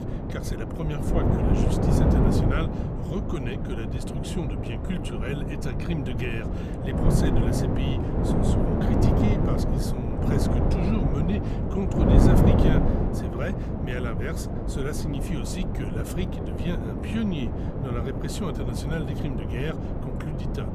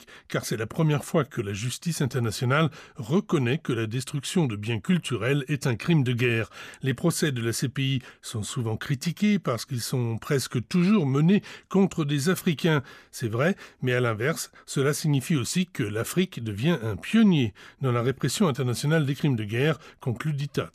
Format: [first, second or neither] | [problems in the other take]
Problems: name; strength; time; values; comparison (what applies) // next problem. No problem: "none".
second | wind noise on the microphone; heavy; 4 dB above the speech